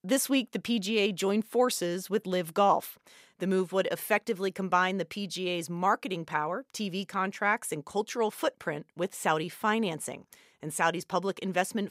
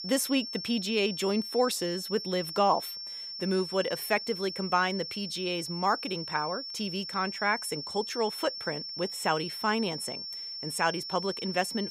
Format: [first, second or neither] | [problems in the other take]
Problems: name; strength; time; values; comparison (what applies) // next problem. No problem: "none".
first | high-pitched whine; loud; throughout; 5.5 kHz, 6 dB below the speech